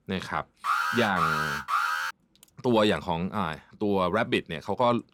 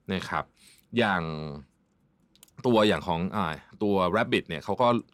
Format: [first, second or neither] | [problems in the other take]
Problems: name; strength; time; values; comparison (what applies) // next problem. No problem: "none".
second | alarm; loud; from 0.5 to 2 s; peak 1 dB above the speech